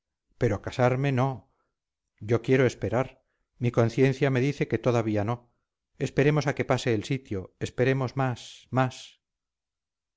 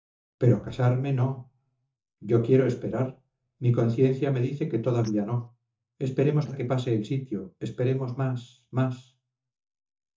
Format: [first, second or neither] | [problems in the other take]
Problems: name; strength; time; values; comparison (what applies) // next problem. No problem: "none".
first | noise reduction (neural mask model DeepFilterNet 3)